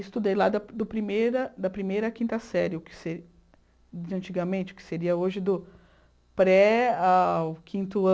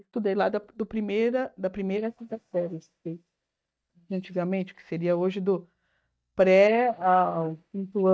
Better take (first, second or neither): first